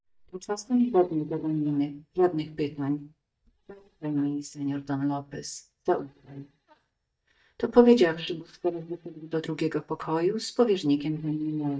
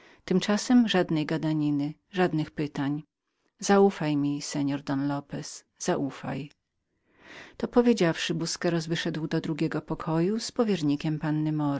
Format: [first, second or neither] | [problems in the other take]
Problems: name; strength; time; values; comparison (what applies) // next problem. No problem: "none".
second | noise reduction (neural mask model DeepFilterNet 3)